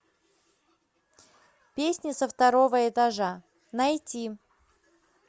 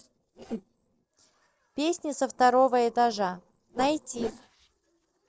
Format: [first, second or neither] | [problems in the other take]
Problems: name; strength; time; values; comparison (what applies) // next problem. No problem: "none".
first | noise reduction (neural separator model SepFormer DNS4)